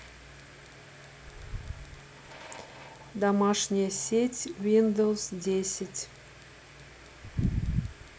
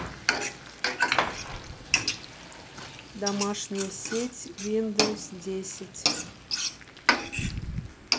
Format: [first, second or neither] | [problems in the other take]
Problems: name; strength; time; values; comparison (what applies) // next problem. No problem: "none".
first | background sound (Frying (food)); 4 dB above the speech